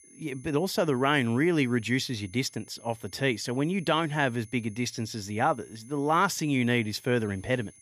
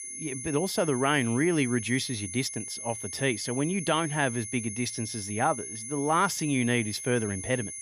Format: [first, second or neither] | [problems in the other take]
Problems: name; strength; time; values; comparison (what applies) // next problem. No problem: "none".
first | high-pitched whine; loud; throughout; 10 kHz, 7 dB below the speech; faint in the first